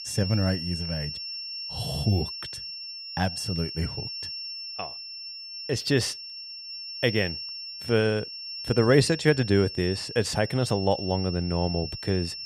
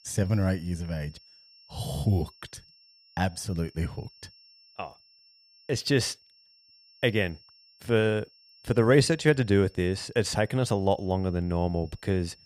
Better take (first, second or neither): second